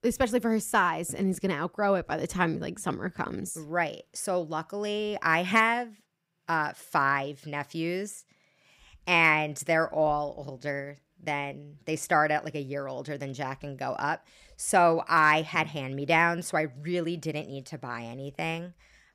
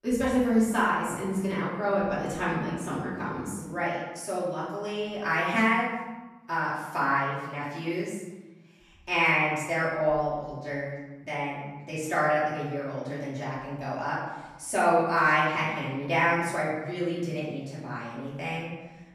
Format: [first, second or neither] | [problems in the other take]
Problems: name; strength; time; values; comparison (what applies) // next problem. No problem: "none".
first | room echo; noticeable; dies away in 1.1 s // off-mic speech; far